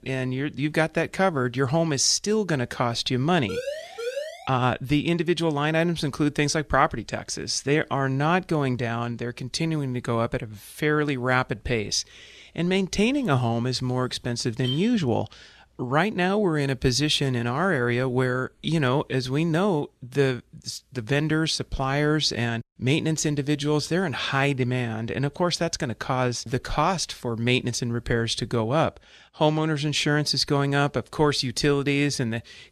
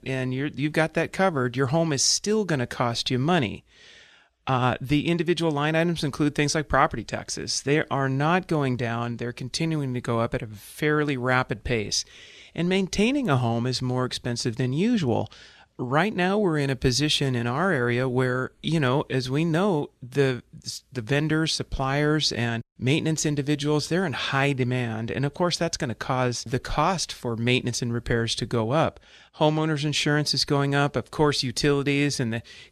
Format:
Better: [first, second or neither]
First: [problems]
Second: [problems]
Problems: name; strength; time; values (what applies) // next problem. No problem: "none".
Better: second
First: siren; noticeable; at 3.5 s; peak 7 dB below the speech // clattering dishes; noticeable; from 13 to 15 s; peak 8 dB below the speech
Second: none